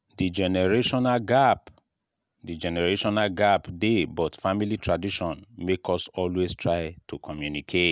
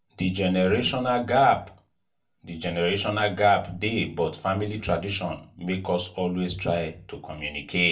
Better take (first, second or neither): first